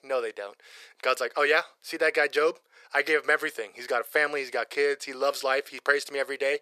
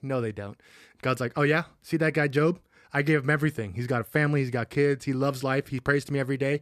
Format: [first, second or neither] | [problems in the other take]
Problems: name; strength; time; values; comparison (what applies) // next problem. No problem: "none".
second | thin; very; fading below 500 Hz